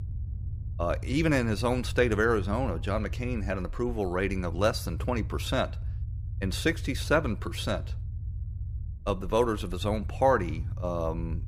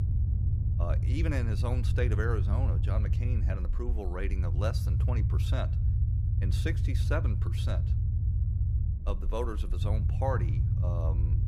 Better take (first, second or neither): first